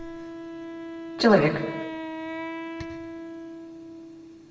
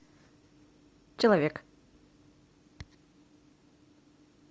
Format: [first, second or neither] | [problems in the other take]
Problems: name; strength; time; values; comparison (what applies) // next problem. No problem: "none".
second | background sound (Wind instrument, woodwind instrument); 8 dB below the speech // room echo; dies away in 0.9 s